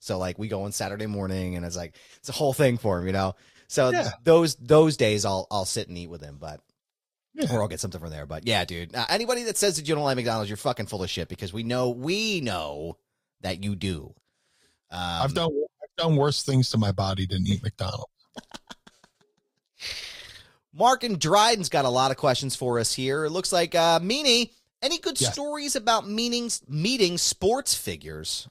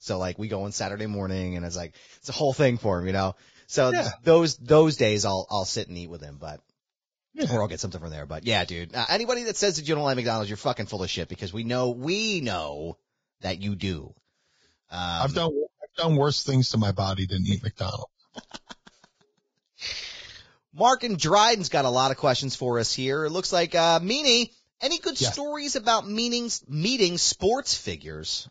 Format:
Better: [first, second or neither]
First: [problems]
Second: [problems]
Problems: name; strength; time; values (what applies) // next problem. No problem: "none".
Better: first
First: garbled, watery; slightly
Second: garbled, watery; badly; nothing above 7.5 kHz